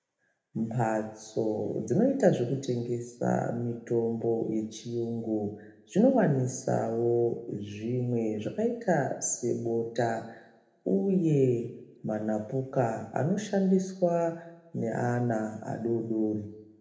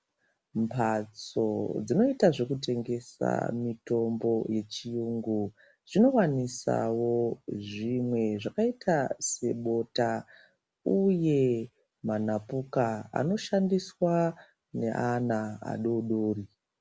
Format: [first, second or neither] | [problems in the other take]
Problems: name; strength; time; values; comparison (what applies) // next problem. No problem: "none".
second | room echo; dies away in 0.8 s